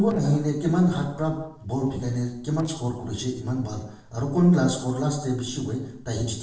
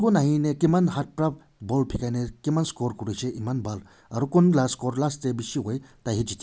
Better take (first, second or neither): second